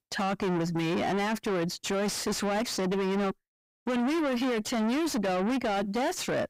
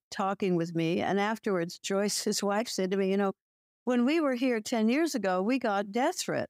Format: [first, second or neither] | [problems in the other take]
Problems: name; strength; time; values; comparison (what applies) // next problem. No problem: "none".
second | distortion; heavy; 6 dB below the speech